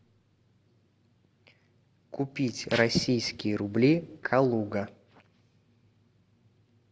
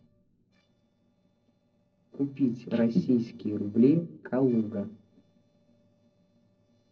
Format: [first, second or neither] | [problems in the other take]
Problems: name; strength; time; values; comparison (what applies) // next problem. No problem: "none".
first | noise reduction (neural separator model SepFormer DNS4)